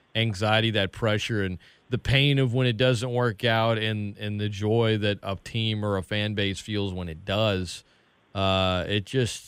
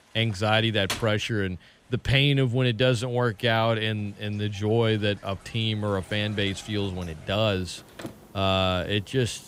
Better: first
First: none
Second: household noises; noticeable; throughout; 15 dB below the speech

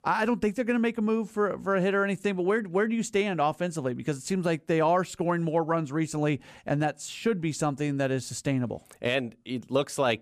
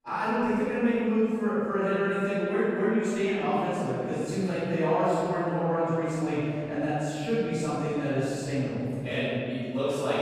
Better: first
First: none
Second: off-mic speech; far // room echo; strong; dies away in 2.3 s

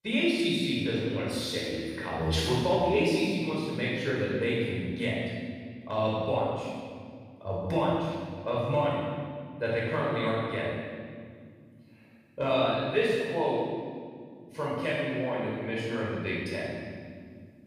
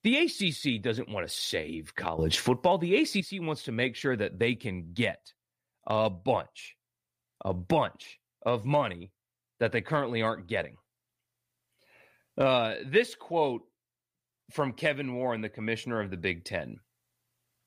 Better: second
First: off-mic speech; far // room echo; strong; dies away in 2 s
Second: none

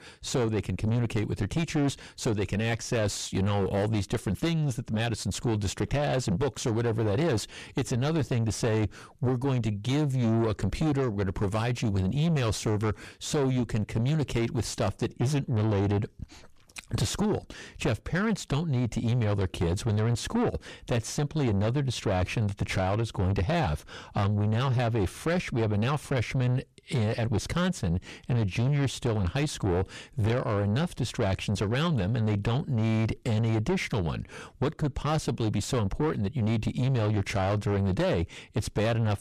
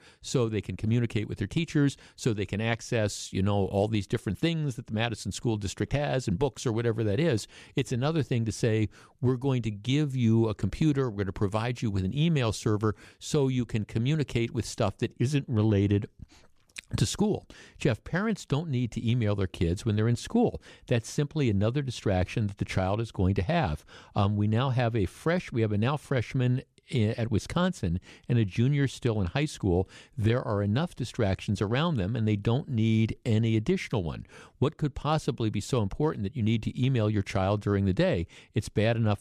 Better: second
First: distortion; heavy; 7 dB below the speech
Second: none

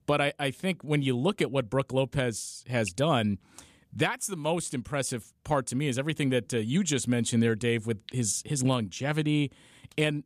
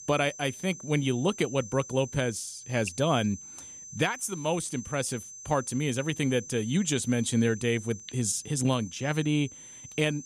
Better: first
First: none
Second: high-pitched whine; noticeable; throughout; 6 kHz, 15 dB below the speech

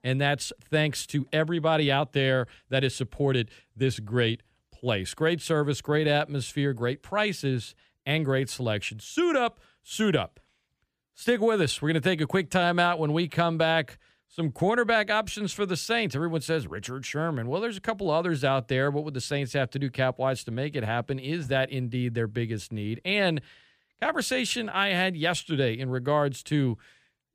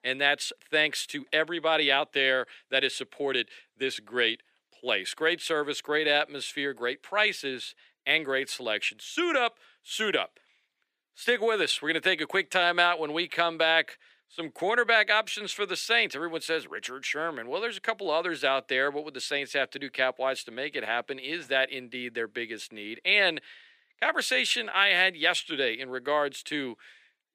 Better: first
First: none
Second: thin; somewhat; fading below 350 Hz

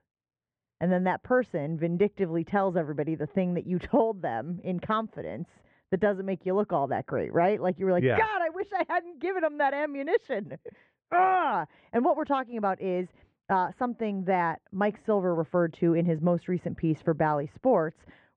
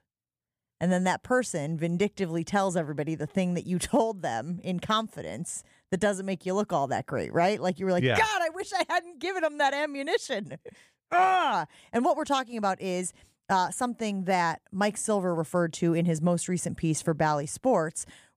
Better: second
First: muffled; very; fading above 2 kHz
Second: none

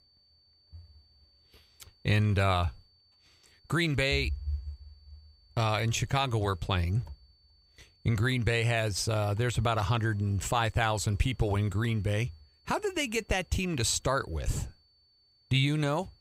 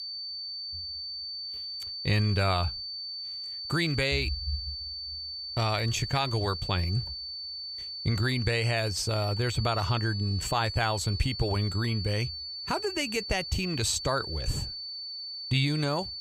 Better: first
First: high-pitched whine; faint; throughout; 4.5 kHz, 35 dB below the speech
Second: high-pitched whine; loud; throughout; 4.5 kHz, 6 dB below the speech

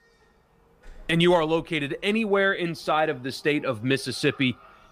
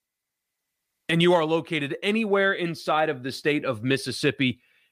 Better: second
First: animal sounds; faint; throughout; 30 dB below the speech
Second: none

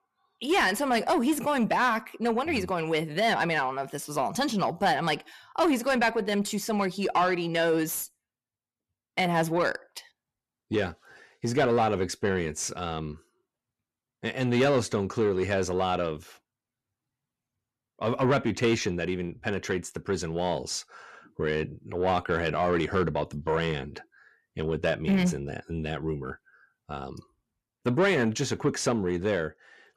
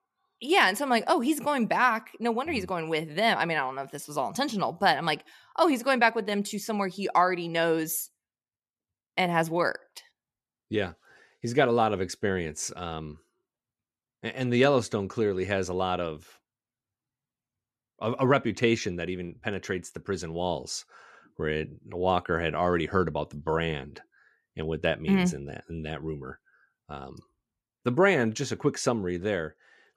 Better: second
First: distortion; slight; 10 dB below the speech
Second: none

